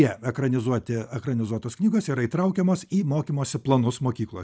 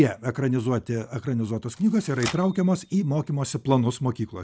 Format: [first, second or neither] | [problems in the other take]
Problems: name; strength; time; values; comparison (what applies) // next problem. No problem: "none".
first | background sound (Typewriter); 18 dB below the speech